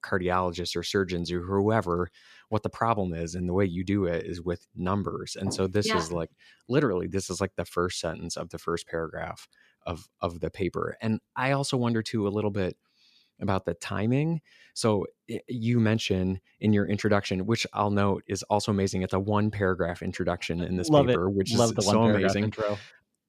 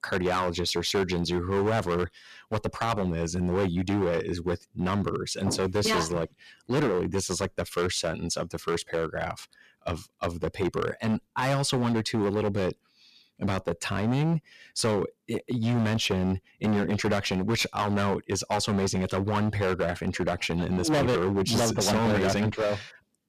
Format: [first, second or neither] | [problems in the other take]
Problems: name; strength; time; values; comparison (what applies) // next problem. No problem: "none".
first | distortion; heavy; 13% of the sound clipped